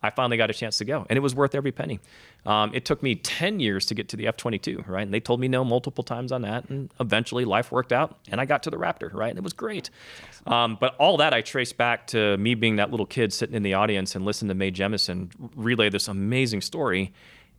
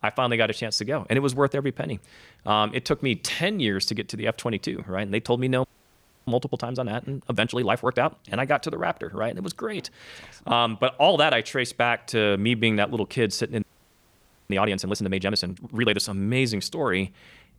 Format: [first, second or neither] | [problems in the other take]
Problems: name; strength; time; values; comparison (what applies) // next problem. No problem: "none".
first | audio freezing; at 5.5 s for 0.5 s and at 14 s for 1 s